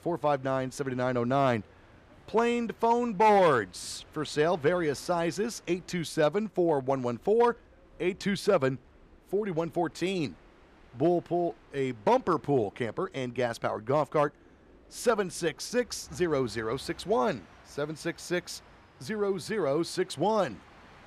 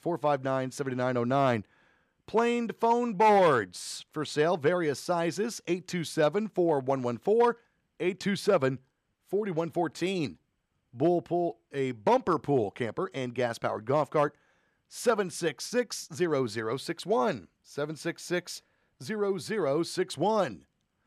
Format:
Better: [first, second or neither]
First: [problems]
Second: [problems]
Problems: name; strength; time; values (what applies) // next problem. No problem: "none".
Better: second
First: train or aircraft noise; faint; throughout; 25 dB below the speech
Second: none